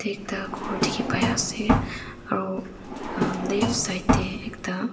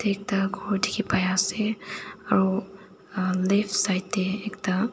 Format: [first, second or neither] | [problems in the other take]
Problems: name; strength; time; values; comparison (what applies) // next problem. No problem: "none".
second | background sound (Drawer open or close); 3 dB above the speech // room echo; dies away in 0.7 s